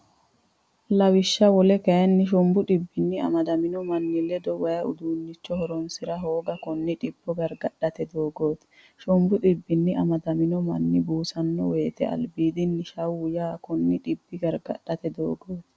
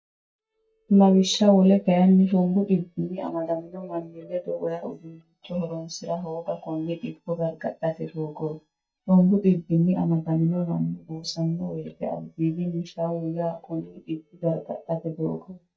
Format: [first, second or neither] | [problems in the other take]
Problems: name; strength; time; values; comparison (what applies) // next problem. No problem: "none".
first | noise reduction (neural mask model DeepFilterNet 3)